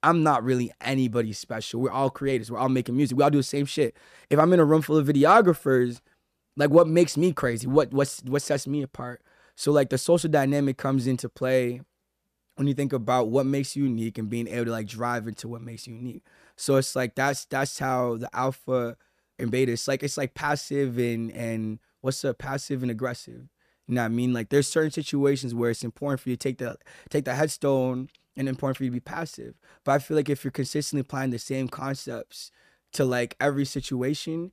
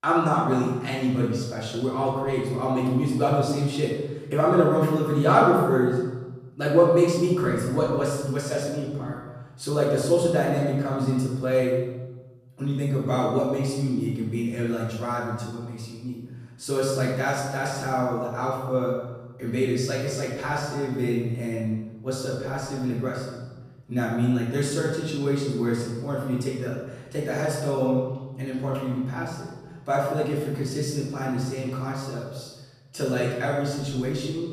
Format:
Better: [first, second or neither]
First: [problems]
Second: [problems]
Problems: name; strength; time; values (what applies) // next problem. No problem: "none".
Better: first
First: none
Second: room echo; noticeable; dies away in 1.2 s // off-mic speech; far